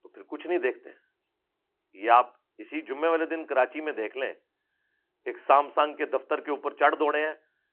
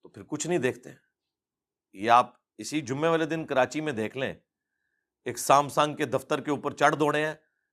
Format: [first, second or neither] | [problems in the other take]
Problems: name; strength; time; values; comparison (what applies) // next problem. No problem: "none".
second | phone-call audio